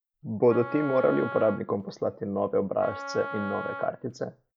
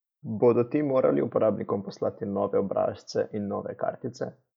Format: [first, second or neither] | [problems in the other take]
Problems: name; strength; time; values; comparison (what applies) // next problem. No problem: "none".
second | background sound (Wind instrument, woodwind instrument); 11 dB below the speech